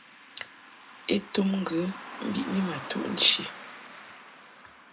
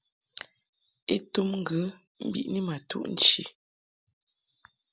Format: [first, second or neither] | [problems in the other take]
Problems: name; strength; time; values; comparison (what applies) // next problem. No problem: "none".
second | background sound (Car passing by); 13 dB below the speech // room echo; dies away in 0.2 s